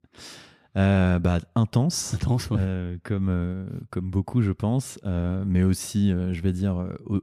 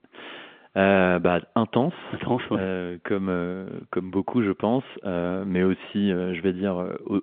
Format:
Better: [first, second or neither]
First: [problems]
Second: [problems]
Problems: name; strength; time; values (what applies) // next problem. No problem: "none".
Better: first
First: none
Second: phone-call audio